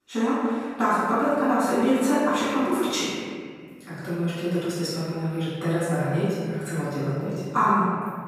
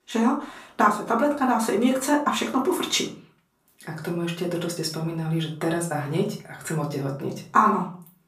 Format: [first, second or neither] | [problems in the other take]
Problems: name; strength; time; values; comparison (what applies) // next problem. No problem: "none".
second | room echo; strong; dies away in 2.3 s; slight in the second // off-mic speech; far; far in the second